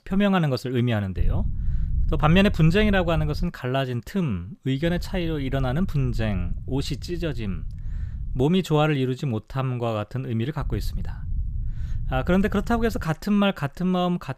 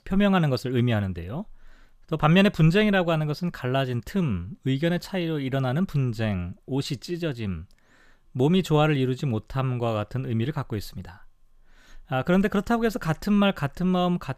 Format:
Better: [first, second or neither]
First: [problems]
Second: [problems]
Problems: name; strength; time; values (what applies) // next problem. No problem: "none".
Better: second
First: low rumble; faint; from 1 to 3.5 s, from 5 to 8.5 s and from 11 to 13 s; 20 dB below the speech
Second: none